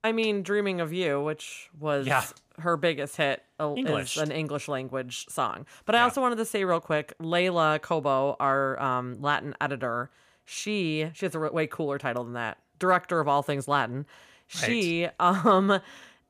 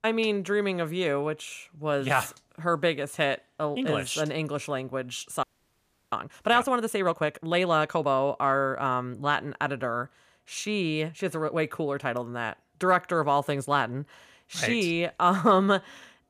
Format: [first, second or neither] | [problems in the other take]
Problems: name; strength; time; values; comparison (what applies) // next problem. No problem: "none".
first | audio freezing; at 5.5 s for 0.5 s